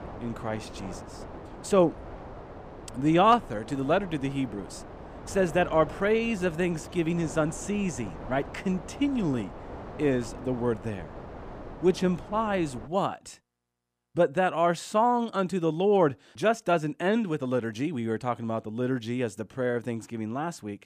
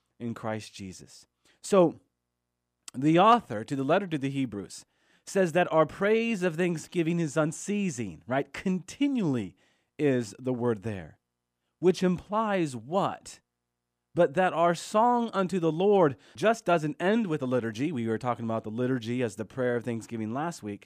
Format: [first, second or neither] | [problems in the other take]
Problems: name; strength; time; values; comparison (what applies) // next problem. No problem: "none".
second | wind noise on the microphone; occasional gusts; until 13 s; 15 dB below the speech